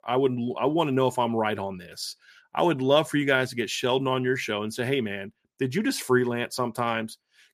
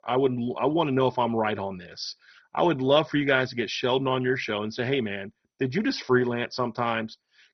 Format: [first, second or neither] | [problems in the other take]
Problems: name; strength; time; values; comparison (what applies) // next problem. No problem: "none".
first | garbled, watery; badly; nothing above 6 kHz